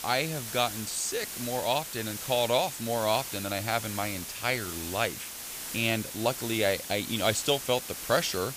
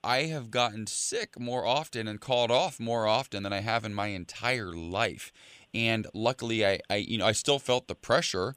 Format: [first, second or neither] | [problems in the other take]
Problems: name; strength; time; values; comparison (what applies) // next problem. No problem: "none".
second | hiss; loud; throughout; 7 dB below the speech